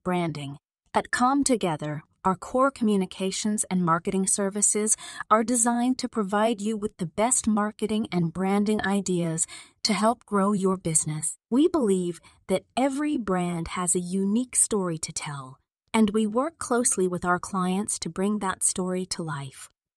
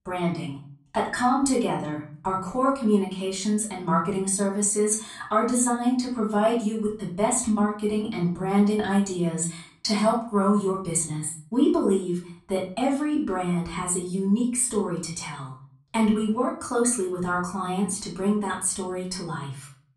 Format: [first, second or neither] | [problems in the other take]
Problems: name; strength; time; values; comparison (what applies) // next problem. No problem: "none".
first | off-mic speech; far // room echo; slight; dies away in 0.4 s